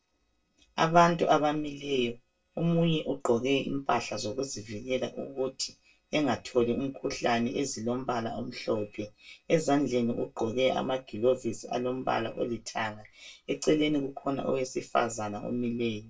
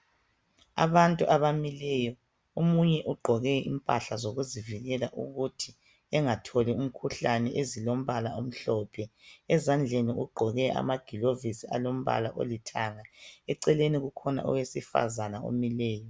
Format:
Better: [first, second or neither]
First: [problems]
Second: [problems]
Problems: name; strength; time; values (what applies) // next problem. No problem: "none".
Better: second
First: noise reduction (neural separator model SepFormer DNS4)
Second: none